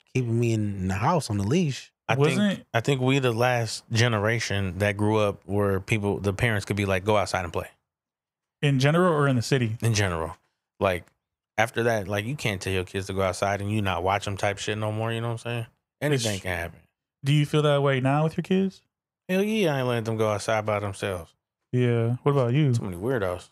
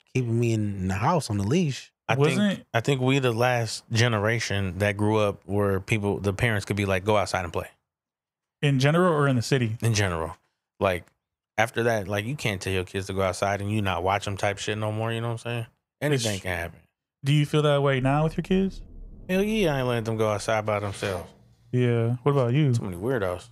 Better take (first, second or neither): first